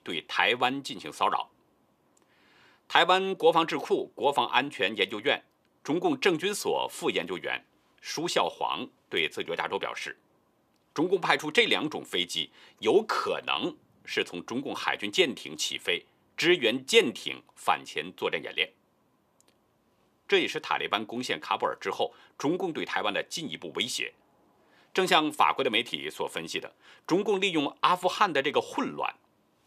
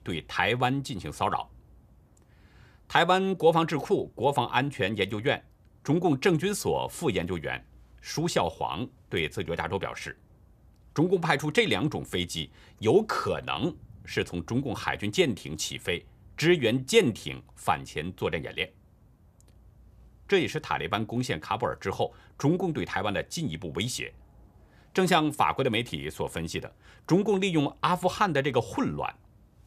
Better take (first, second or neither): second